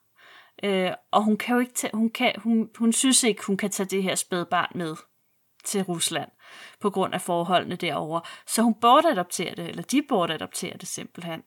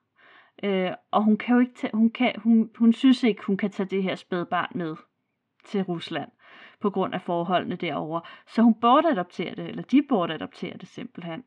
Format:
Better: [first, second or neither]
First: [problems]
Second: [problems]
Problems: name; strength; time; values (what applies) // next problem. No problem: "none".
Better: first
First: none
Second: muffled; very; fading above 3 kHz